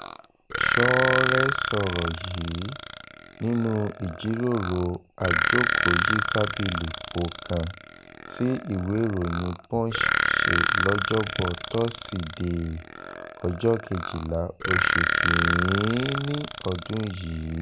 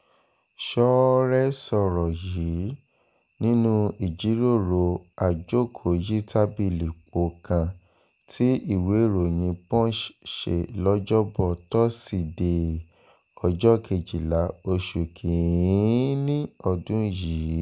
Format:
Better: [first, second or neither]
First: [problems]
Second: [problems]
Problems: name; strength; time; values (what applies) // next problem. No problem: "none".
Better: second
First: background sound (Burping, eructation); as loud as the speech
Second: none